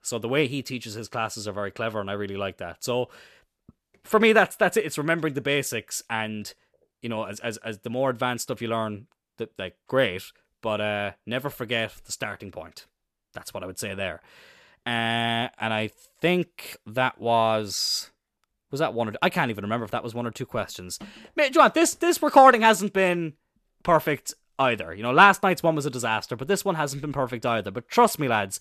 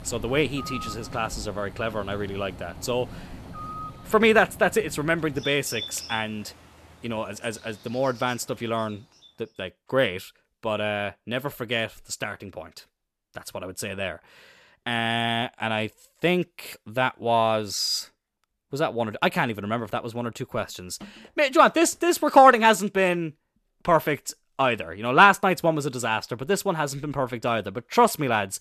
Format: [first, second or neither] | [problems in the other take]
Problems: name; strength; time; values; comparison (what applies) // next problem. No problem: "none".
first | animal sounds; noticeable; until 9 s; 15 dB below the speech